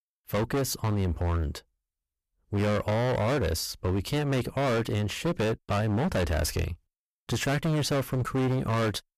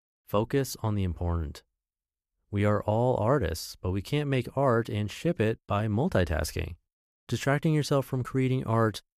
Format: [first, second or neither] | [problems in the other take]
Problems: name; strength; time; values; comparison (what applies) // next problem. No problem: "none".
second | distortion; heavy; 25% of the sound clipped